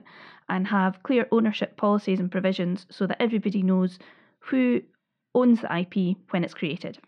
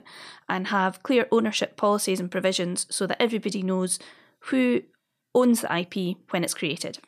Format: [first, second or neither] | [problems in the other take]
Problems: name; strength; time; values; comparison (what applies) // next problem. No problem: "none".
second | muffled; slightly; fading above 3 kHz